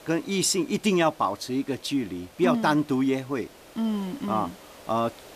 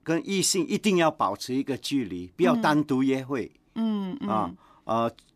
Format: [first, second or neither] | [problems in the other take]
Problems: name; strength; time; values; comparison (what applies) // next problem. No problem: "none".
second | hiss; faint; throughout; 20 dB below the speech